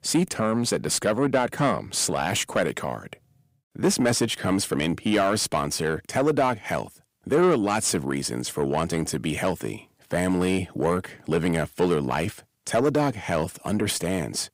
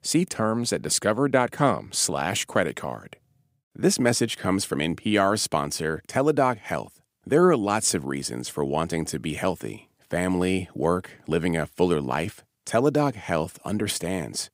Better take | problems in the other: second | distortion; slight; 10 dB below the speech

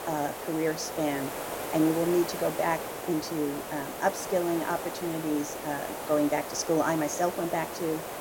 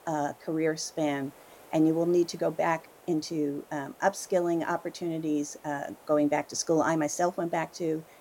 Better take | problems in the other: second | hiss; loud; throughout; 6 dB below the speech; faint in the second

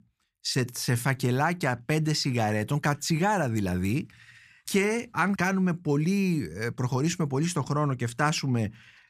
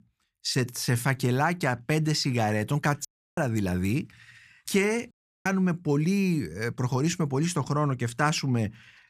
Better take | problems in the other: first | audio cutting out; at 3 s and at 5 s

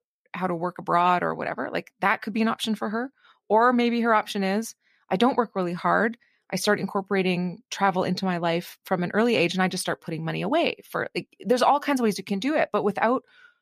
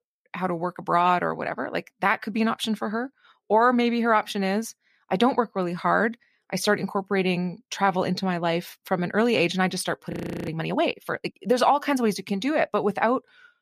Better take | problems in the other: first | audio freezing; at 10 s

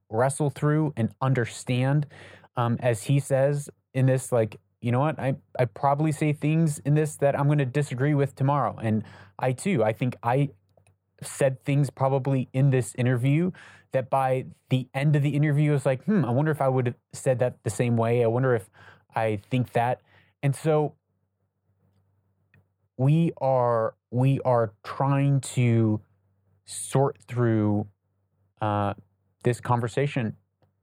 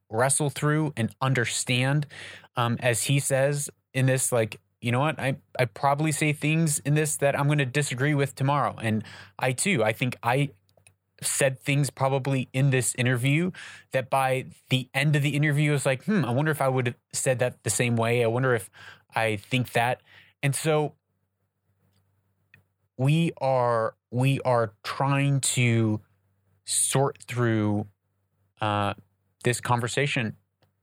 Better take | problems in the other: second | muffled; slightly; fading above 1.5 kHz

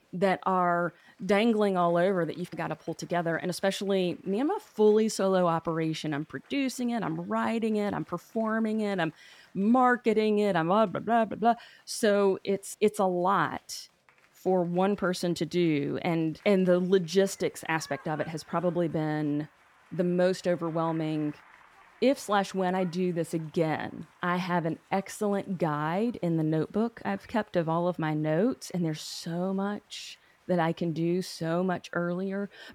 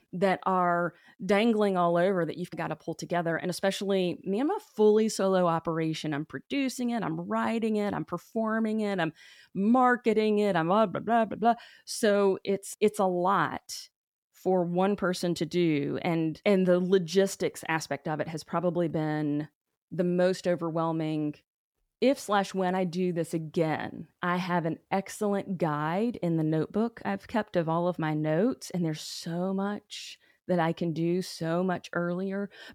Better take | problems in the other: second | crowd noise; faint; throughout; 30 dB below the speech

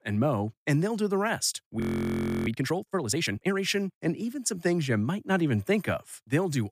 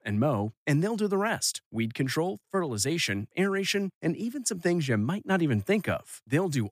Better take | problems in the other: second | audio freezing; at 2 s for 0.5 s

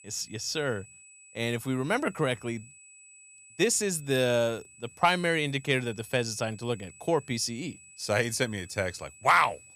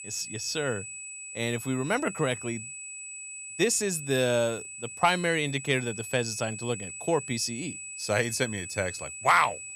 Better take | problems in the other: first | high-pitched whine; loud; throughout; 8 kHz, 10 dB below the speech; faint in the first

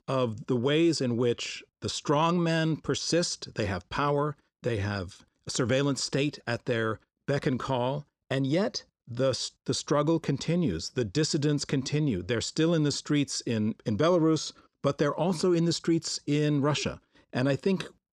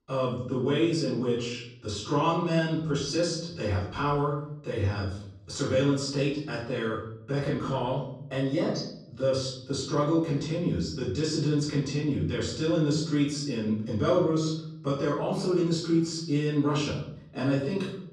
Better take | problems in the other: first | room echo; noticeable; dies away in 0.7 s // off-mic speech; far

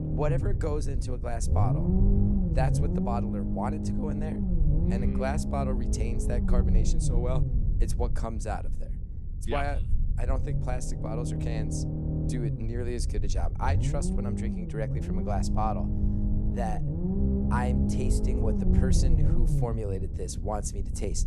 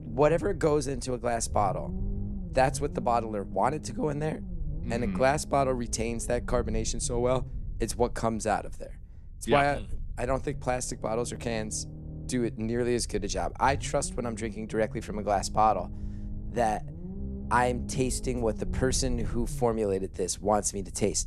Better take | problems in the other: second | low rumble; loud; throughout; 3 dB below the speech; faint in the second

